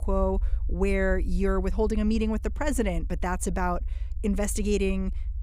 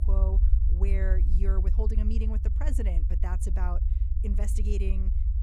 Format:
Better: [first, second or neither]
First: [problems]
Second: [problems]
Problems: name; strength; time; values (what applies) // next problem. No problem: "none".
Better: first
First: low rumble; faint; throughout; 25 dB below the speech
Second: low rumble; loud; throughout; 6 dB below the speech